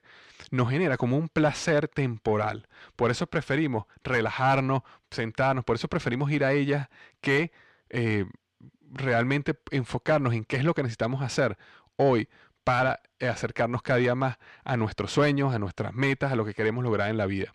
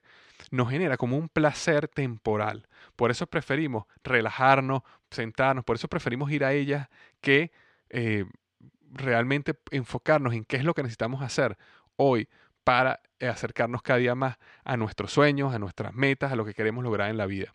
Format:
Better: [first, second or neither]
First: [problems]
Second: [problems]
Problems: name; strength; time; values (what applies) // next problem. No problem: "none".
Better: second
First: distortion; slight; 10 dB below the speech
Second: none